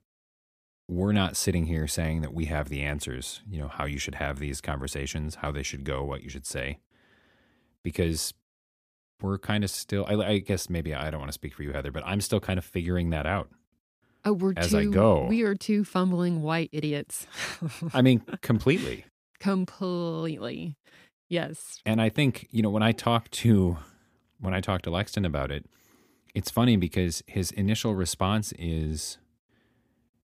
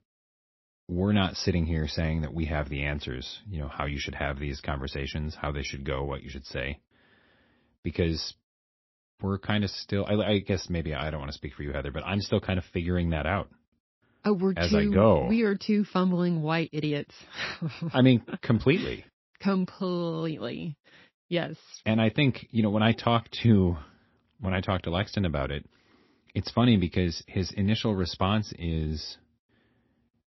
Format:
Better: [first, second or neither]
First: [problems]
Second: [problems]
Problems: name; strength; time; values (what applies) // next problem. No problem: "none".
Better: first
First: none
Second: garbled, watery; slightly; nothing above 5.5 kHz